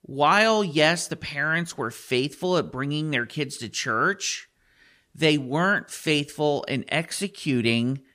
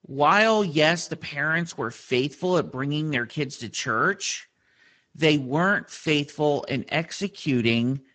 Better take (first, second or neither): first